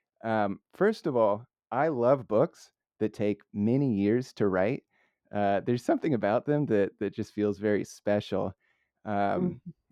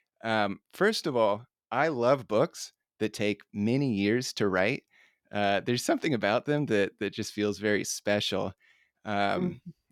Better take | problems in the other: second | muffled; slightly; fading above 1.5 kHz

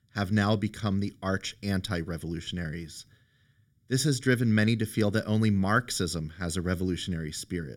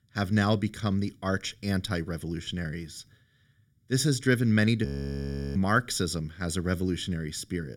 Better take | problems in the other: first | audio freezing; at 5 s for 0.5 s

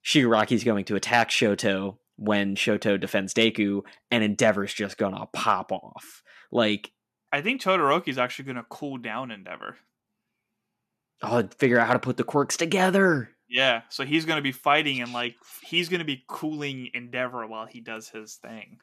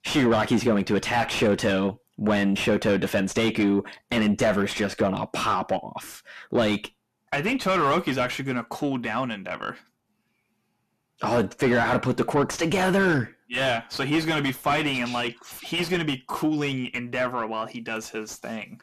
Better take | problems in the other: first | distortion; heavy; 6 dB below the speech

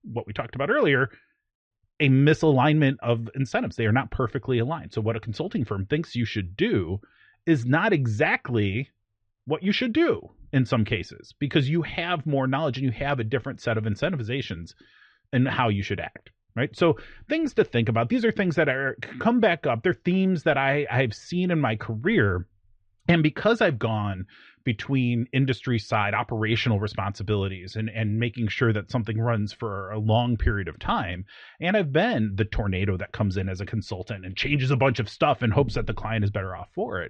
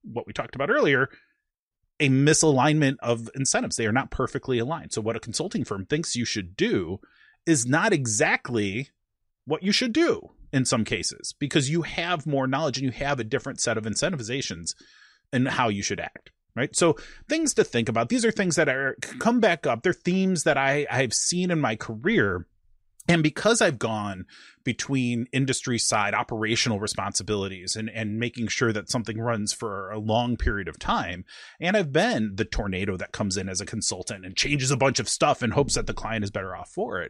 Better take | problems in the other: second | muffled; very; fading above 3 kHz

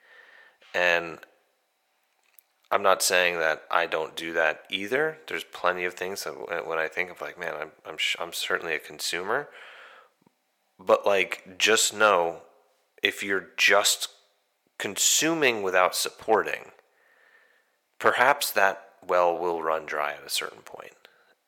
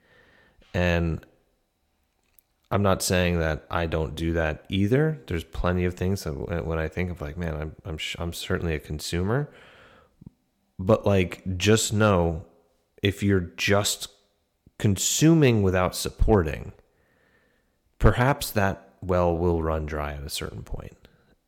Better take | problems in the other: second | thin; very; fading below 650 Hz

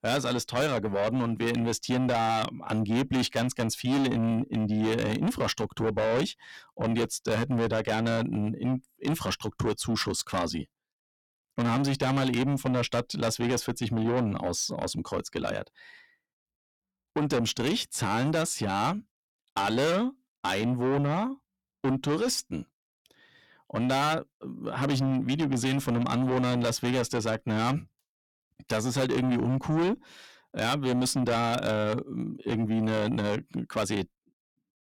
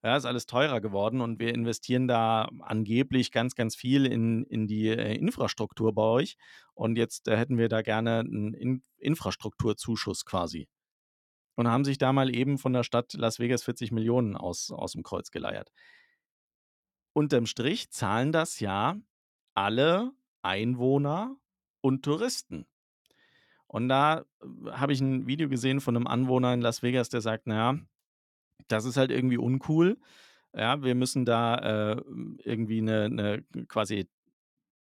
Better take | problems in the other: second | distortion; heavy; 6 dB below the speech

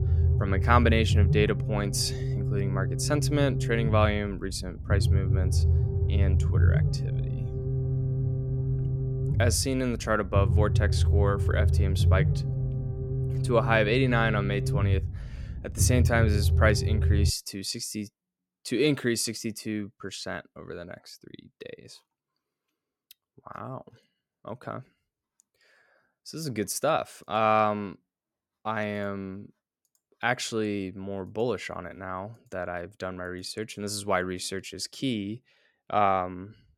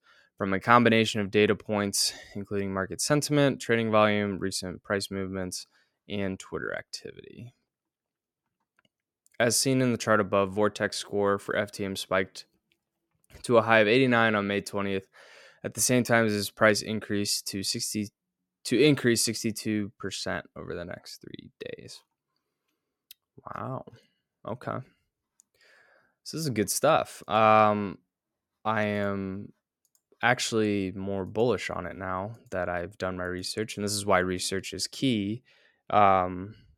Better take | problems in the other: second | low rumble; loud; until 17 s; 10 dB below the speech

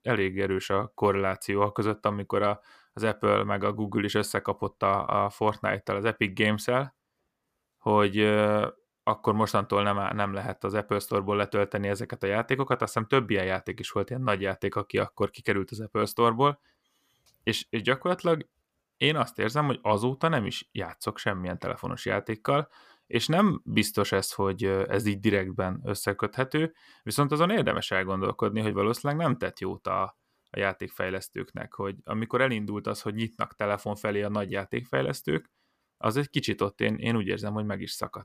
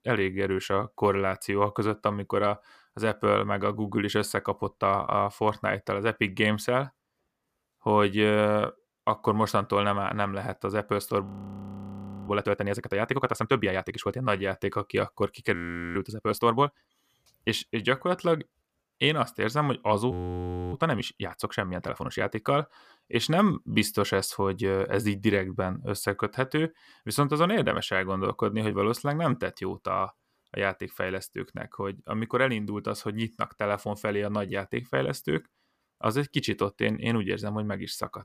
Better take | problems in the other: first | audio freezing; at 11 s for 1 s, at 16 s and at 20 s for 0.5 s

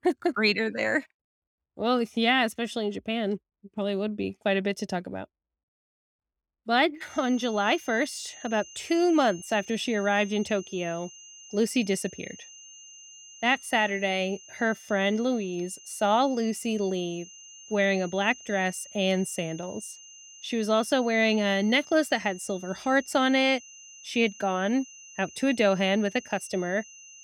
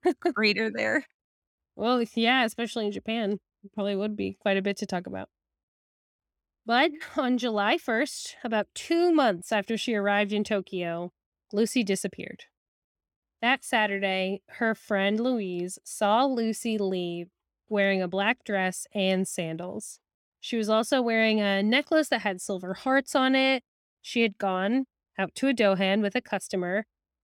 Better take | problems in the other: second | high-pitched whine; noticeable; from 7 s on; 6.5 kHz, 20 dB below the speech

